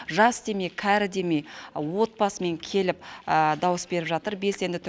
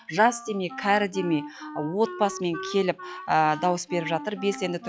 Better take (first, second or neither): first